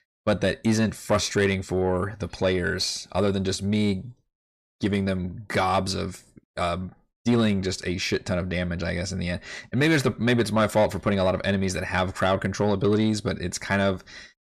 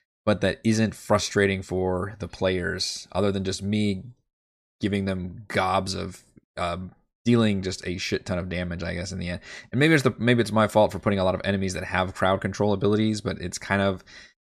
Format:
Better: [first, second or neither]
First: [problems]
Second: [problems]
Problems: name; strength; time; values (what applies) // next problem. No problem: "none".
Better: second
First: distortion; slight; 10 dB below the speech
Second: none